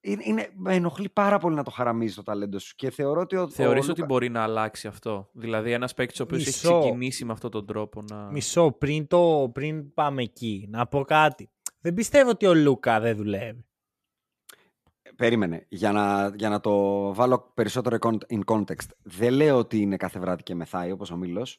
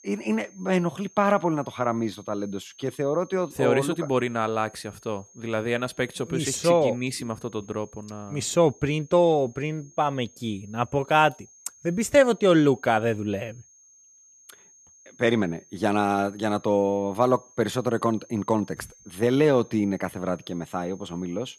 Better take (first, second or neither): first